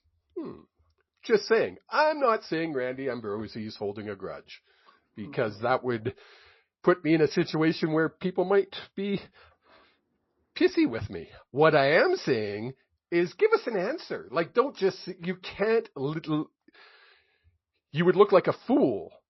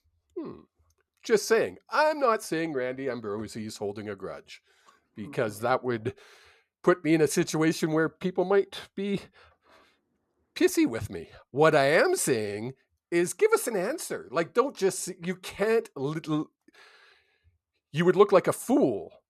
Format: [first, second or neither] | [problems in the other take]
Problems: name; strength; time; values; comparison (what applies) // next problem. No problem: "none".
second | garbled, watery; slightly; nothing above 5.5 kHz